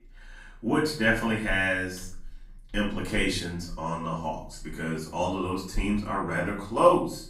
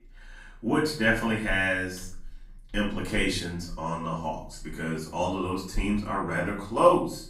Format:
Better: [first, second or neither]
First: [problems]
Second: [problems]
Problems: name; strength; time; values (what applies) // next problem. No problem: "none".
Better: neither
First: off-mic speech; far // room echo; slight; dies away in 0.5 s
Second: off-mic speech; far // room echo; slight; dies away in 0.5 s